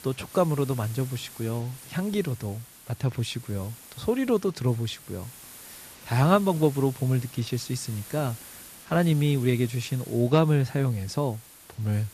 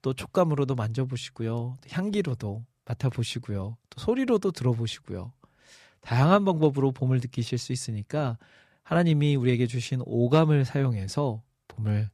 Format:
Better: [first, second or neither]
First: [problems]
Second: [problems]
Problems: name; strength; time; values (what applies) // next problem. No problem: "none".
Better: second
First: hiss; noticeable; throughout; 15 dB below the speech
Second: none